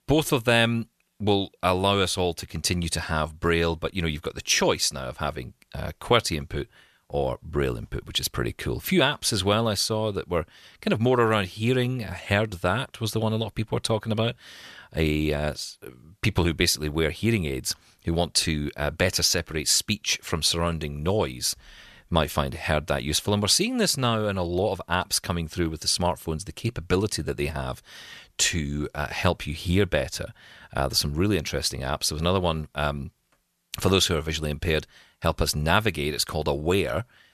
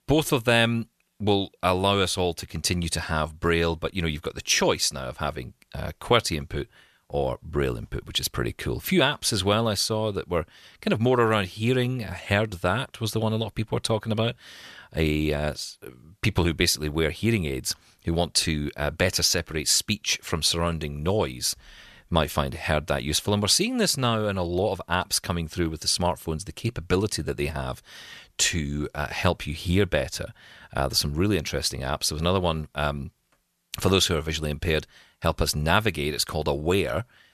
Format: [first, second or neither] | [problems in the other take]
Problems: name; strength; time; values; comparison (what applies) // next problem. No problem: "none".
neither | none